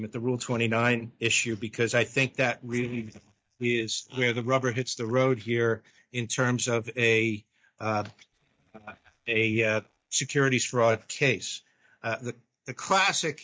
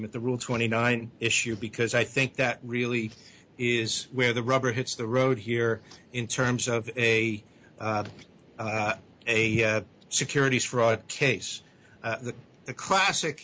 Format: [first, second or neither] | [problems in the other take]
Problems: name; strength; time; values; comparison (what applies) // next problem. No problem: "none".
second | noise reduction (neural mask model DeepFilterNet 3)